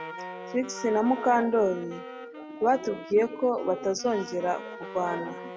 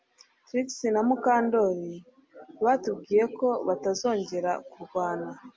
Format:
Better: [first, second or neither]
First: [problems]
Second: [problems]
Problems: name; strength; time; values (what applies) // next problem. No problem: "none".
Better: second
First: background sound (Wind instrument, woodwind instrument + Wind instrument, woodwind instrument); 12 dB below the speech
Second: none